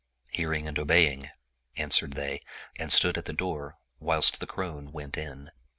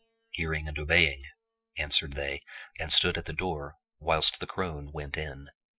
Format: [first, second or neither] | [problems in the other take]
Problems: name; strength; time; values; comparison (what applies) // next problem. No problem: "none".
first | noise reduction (classical method Wiener filter)